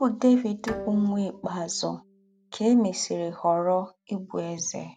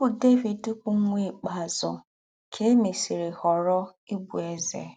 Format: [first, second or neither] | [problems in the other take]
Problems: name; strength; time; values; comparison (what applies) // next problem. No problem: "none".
second | background sound (Bowed string instrument); 18 dB below the speech